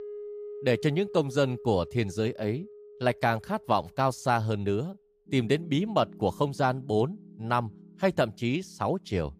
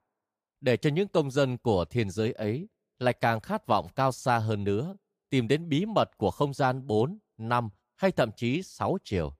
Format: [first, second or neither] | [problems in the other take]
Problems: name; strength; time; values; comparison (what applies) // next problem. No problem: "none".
second | background music; noticeable; throughout; 15 dB below the speech